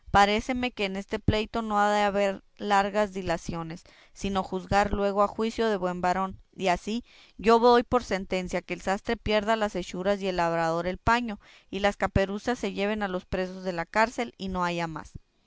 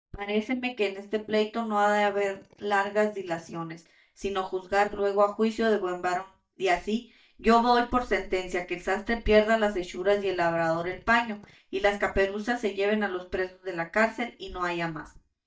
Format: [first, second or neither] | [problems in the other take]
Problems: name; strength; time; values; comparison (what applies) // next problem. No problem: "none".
first | noise reduction (neural mask model DeepFilterNet 3)